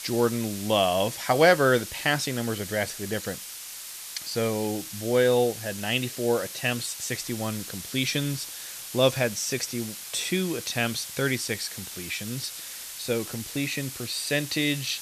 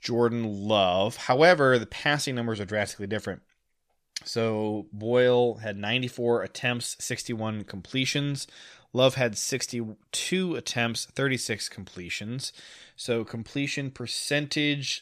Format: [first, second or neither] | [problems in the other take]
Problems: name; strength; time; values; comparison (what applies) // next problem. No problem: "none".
second | hiss; loud; throughout; 9 dB below the speech